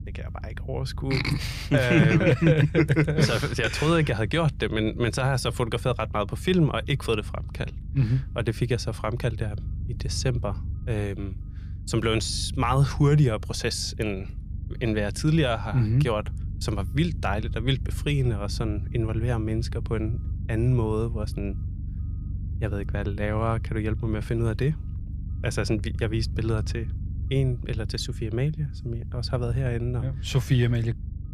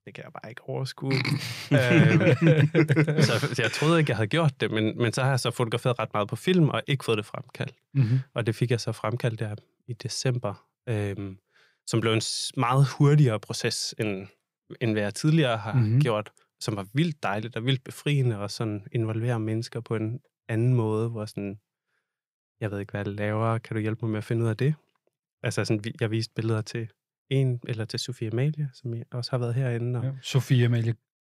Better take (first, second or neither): second